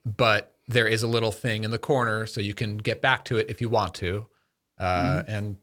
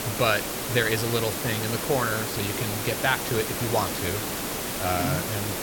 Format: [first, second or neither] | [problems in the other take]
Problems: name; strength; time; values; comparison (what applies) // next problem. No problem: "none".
first | hiss; loud; throughout; 1 dB below the speech